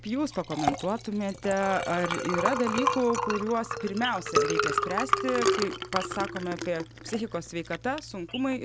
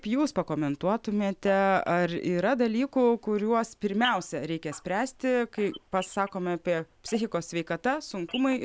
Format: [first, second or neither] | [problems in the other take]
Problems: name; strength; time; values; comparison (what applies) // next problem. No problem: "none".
second | background sound (Liquid); 1 dB below the speech